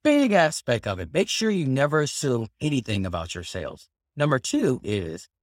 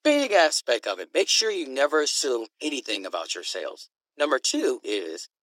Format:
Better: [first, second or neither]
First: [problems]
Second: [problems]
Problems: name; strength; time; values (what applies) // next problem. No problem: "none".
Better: first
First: none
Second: thin; somewhat; fading below 300 Hz